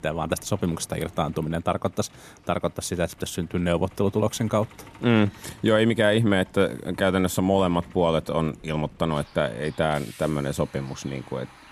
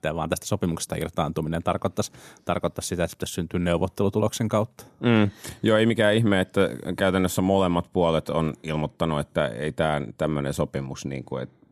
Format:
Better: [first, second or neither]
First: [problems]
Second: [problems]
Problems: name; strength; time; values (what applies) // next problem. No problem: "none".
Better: second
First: traffic noise; faint; throughout; 25 dB below the speech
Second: none